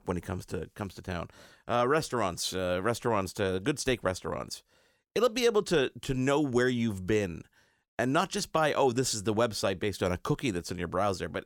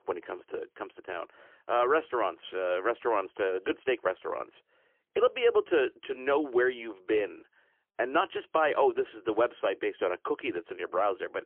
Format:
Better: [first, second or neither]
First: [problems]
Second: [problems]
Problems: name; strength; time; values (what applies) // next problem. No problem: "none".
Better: first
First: none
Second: phone-call audio; poor line; nothing above 3 kHz